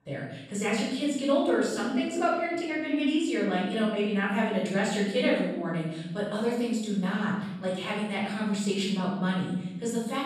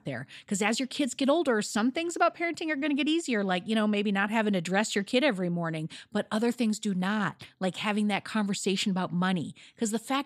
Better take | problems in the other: second | room echo; noticeable; dies away in 1 s // off-mic speech; far

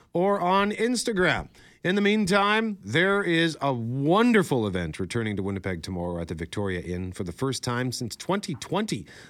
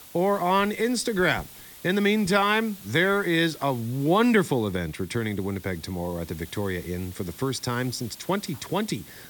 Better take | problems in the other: first | hiss; noticeable; throughout; 20 dB below the speech

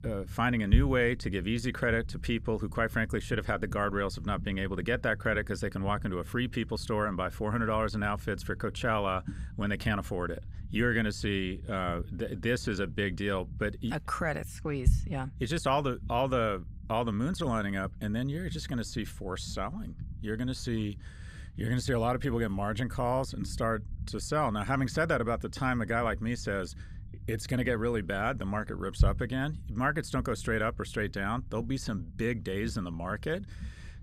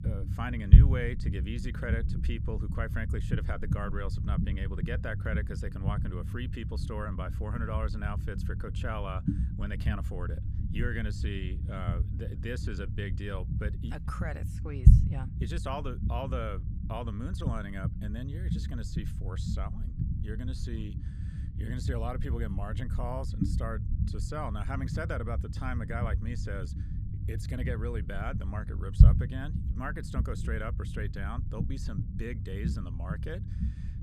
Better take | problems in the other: first | low rumble; loud; throughout; 5 dB below the speech; faint in the first

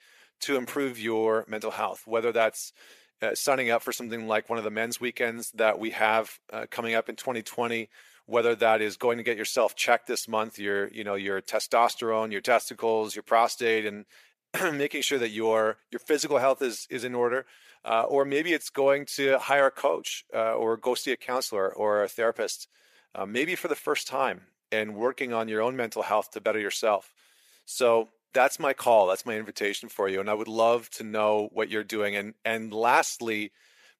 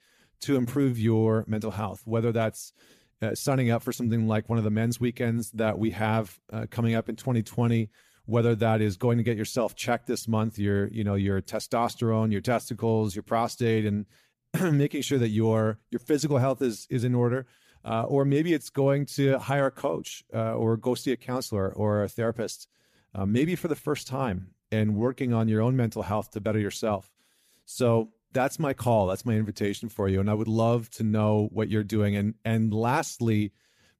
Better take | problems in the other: second | thin; very; fading below 550 Hz

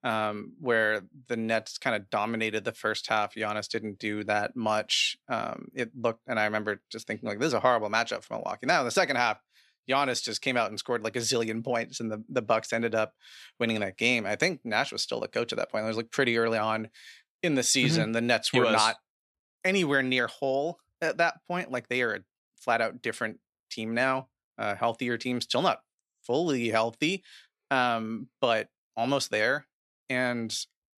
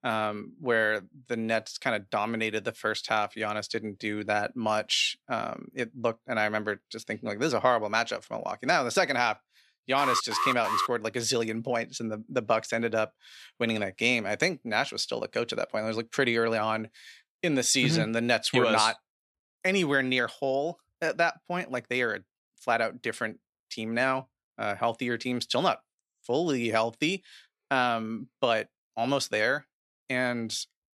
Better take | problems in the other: first | alarm; loud; at 10 s; peak level with the speech

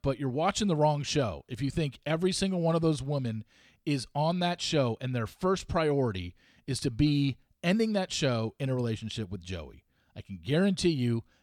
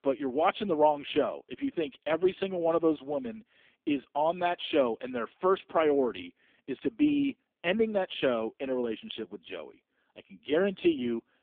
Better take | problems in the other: first | phone-call audio; poor line; nothing above 3.5 kHz

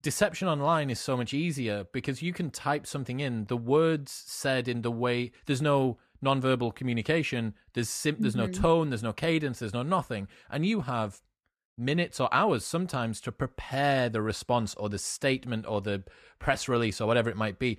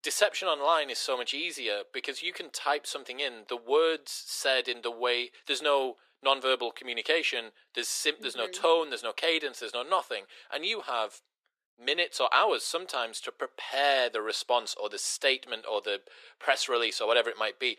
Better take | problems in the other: first | thin; very; fading below 400 Hz

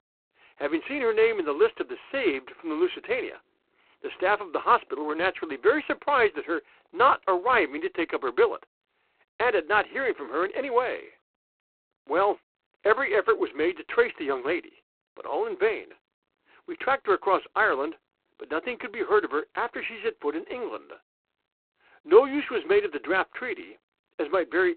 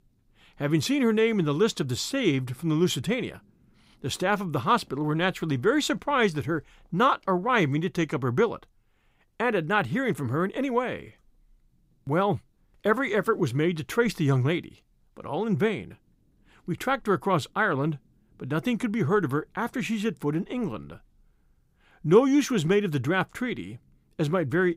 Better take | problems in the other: second | phone-call audio; poor line; nothing above 4 kHz

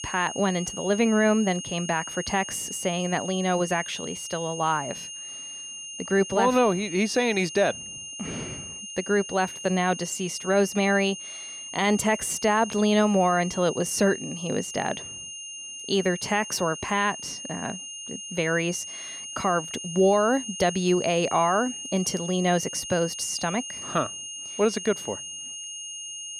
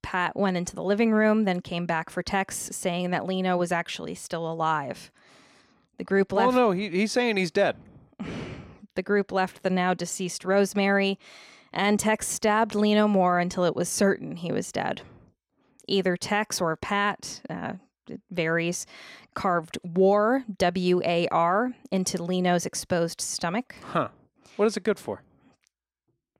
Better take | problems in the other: second | high-pitched whine; loud; throughout; 3 kHz, 9 dB below the speech

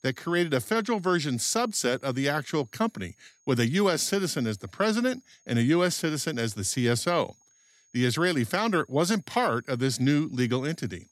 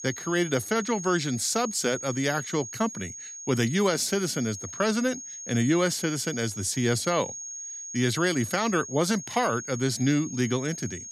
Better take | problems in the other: first | high-pitched whine; loud; throughout; 6.5 kHz, 9 dB below the speech; faint in the first

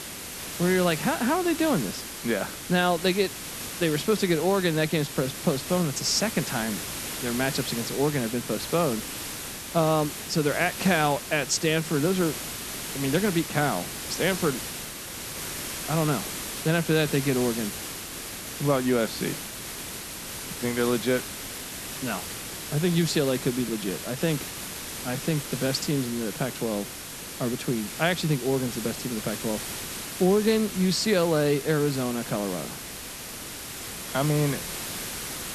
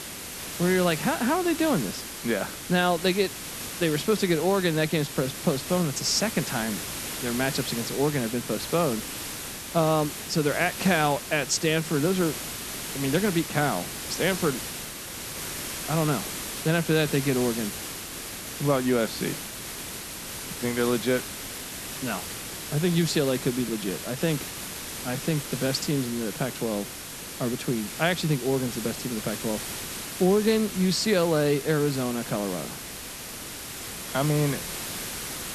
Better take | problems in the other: neither | hiss; loud; throughout; 7 dB below the speech; the same in both

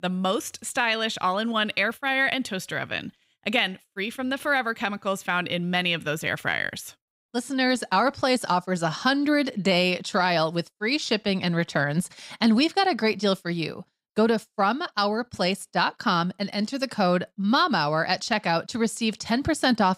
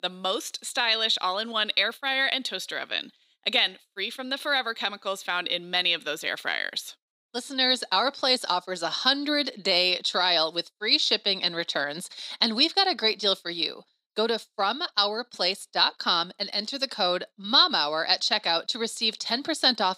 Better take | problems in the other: first | thin; very slightly; fading below 300 Hz

